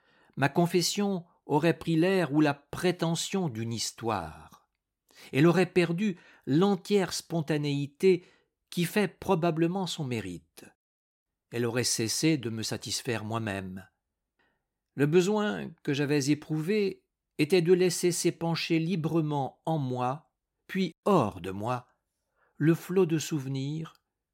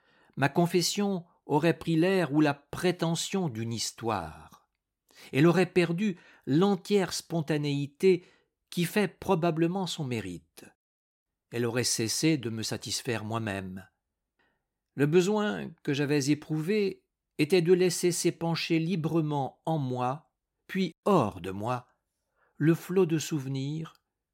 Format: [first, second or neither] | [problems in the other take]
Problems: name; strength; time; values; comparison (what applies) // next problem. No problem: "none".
neither | none